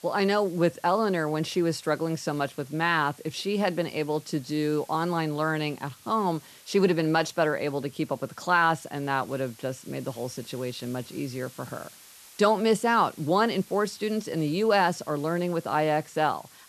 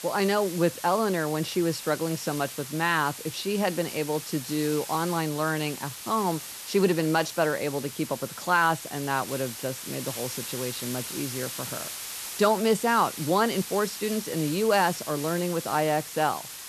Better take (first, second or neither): first